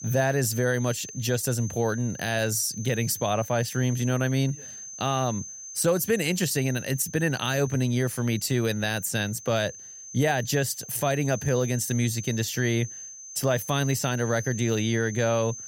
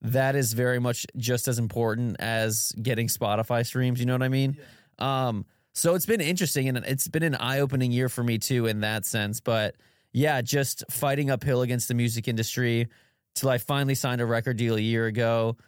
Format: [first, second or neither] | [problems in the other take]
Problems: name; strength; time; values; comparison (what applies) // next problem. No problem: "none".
second | high-pitched whine; noticeable; throughout; 6.5 kHz, 10 dB below the speech